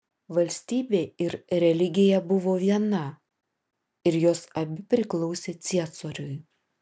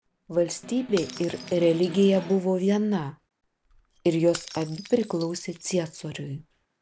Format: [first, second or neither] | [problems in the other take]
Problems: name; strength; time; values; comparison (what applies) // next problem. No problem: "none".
first | background sound (Snare drum + Shatter / Crushing); 18 dB below the speech